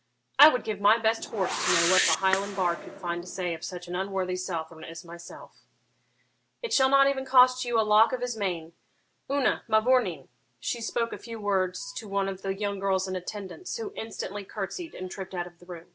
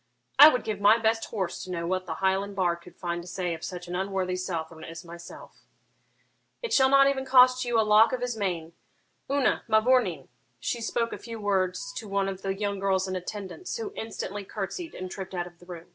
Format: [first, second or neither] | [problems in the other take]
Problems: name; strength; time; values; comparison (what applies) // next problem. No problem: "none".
second | background sound (Whoosh, swoosh, swish); 4 dB below the speech